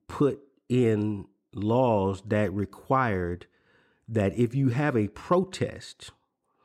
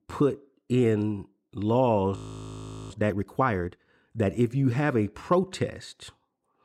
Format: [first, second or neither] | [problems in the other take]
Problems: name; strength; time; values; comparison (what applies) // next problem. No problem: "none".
first | audio freezing; at 2 s for 0.5 s